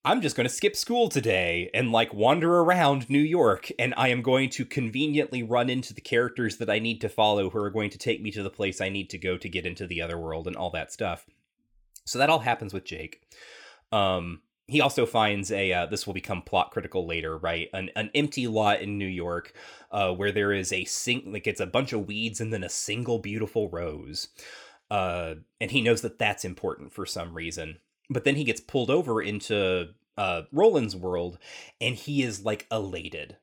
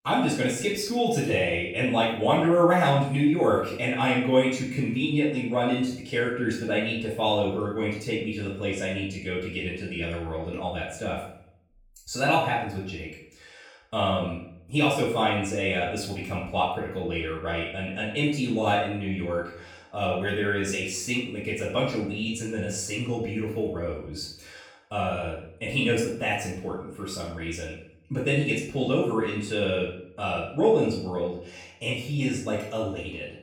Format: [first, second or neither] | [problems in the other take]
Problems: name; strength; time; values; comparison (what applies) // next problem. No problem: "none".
first | off-mic speech; far // room echo; noticeable; dies away in 0.5 s